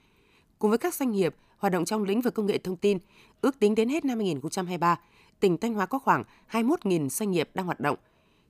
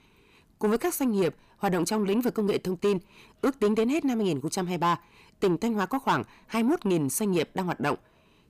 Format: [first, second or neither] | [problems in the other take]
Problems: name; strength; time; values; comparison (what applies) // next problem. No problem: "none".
first | distortion; slight; 10 dB below the speech